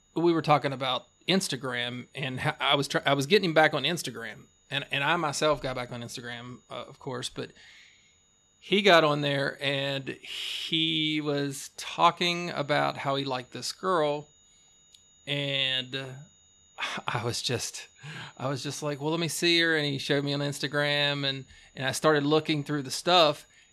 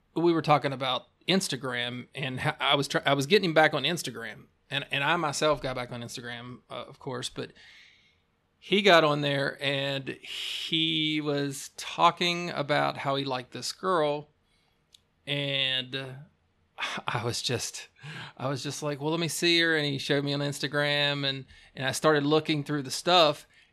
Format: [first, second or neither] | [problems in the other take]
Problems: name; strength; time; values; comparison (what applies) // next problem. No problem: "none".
second | high-pitched whine; faint; throughout; 7 kHz, 35 dB below the speech